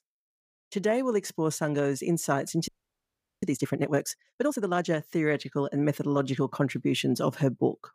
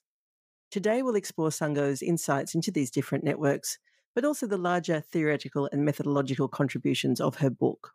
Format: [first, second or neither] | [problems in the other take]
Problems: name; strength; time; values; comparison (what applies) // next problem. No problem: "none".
second | audio freezing; at 2.5 s for 0.5 s